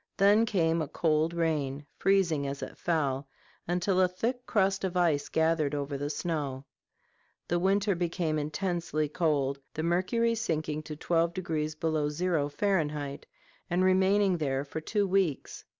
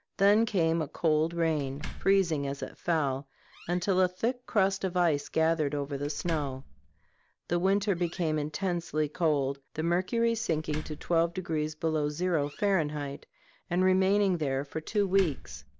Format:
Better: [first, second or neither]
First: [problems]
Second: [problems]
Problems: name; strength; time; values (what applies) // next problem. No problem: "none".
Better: first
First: none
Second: background sound (Slam); 16 dB below the speech